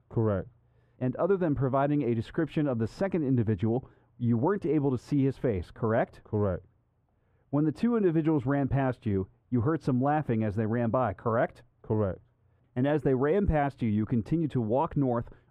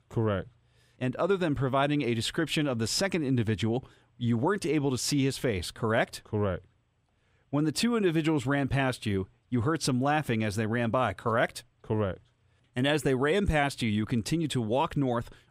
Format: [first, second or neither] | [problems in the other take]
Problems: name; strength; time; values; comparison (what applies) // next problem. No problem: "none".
second | muffled; very; fading above 2.5 kHz